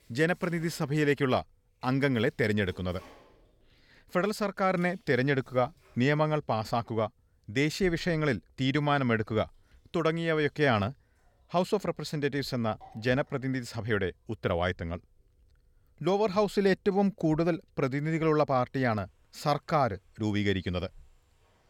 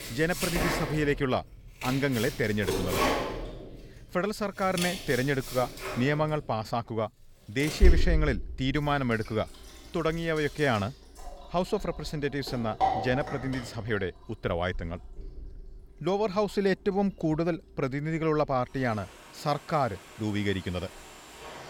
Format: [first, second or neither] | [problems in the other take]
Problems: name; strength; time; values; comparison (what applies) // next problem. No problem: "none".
first | household noises; loud; throughout; 4 dB below the speech; faint in the first